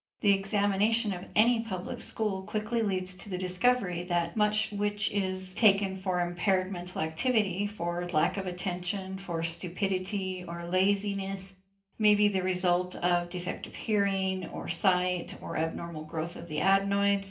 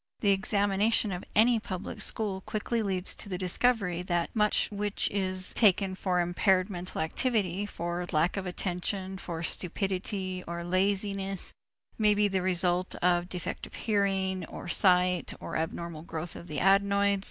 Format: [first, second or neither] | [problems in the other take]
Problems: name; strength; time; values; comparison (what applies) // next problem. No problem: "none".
second | room echo; dies away in 0.3 s